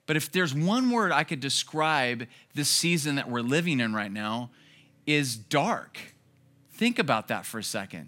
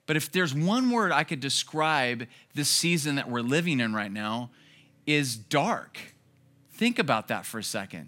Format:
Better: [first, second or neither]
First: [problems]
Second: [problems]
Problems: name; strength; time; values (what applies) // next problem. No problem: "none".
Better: neither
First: none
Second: none